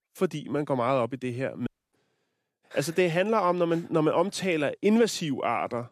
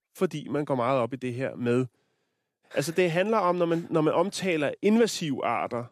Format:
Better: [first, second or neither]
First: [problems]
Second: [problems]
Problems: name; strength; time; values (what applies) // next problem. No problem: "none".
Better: second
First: audio cutting out; at 1.5 s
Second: none